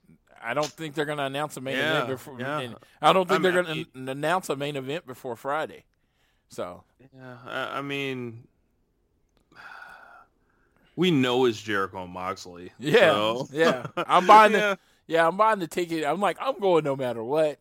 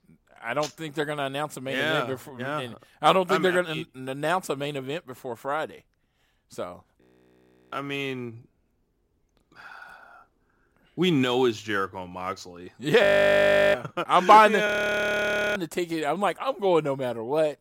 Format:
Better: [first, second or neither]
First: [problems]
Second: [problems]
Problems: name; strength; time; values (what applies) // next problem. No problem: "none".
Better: first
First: none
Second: audio freezing; at 7 s for 0.5 s, at 13 s for 0.5 s and at 15 s for 1 s